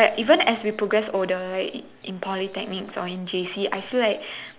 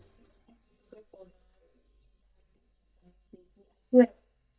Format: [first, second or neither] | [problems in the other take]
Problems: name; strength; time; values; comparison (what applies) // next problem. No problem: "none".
first | noise reduction (neural mask model DeepFilterNet 3)